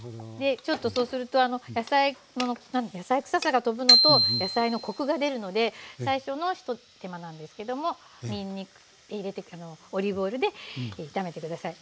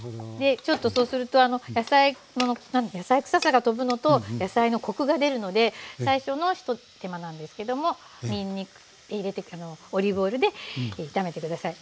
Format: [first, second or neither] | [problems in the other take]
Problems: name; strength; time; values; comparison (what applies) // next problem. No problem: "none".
second | background sound (Bicycle bell); 3 dB above the speech